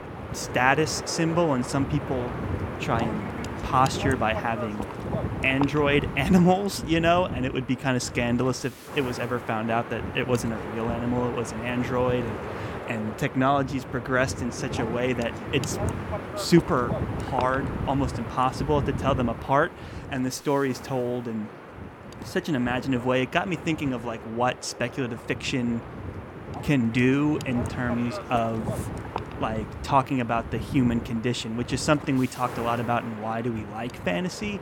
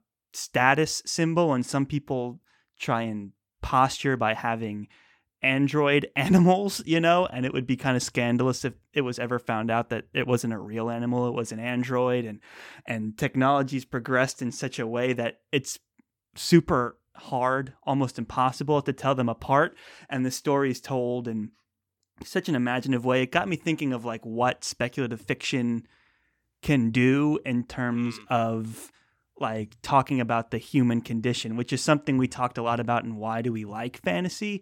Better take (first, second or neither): second